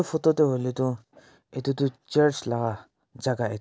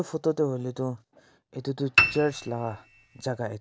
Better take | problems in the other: first | background sound (Piano); 2 dB above the speech

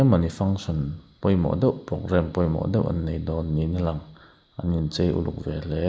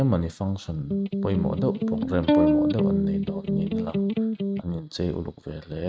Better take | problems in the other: first | noise reduction (neural mask model RNNoise)

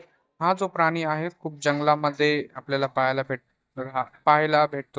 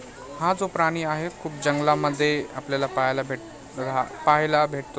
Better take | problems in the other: second | noise reduction (neural mask model DeepFilterNet 3)

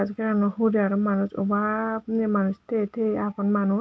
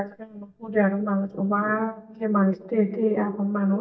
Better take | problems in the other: first | noise reduction (neural mask model DeepFilterNet 3)

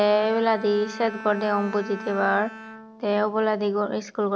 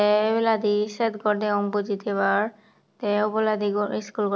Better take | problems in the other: second | background sound (Bowed string instrument); 16 dB below the speech

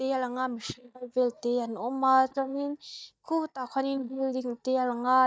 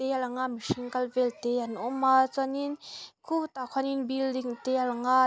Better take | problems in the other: second | noise reduction (neural mask model DeepFilterNet 3)

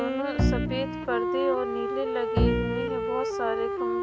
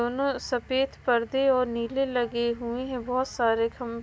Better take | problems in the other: second | background sound (Bowed string instrument + Wind instrument, woodwind instrument); 5 dB above the speech

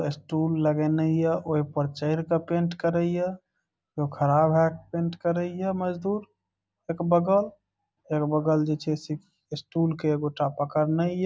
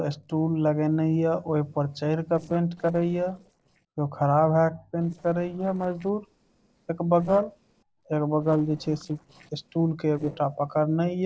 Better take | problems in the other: first | noise reduction (neural separator model SepFormer DNS4)

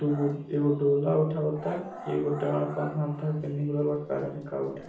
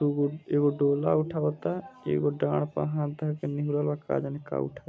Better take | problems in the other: second | background sound (Growling); 17 dB below the speech // room echo; dies away in 0.5 s

